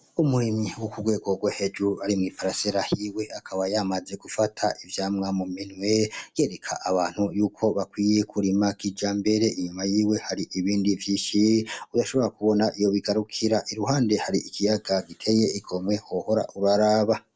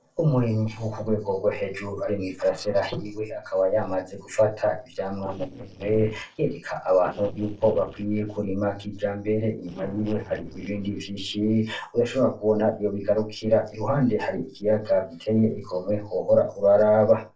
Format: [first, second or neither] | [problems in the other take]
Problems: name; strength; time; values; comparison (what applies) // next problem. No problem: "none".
first | noise reduction (neural separator model SepFormer DNS4)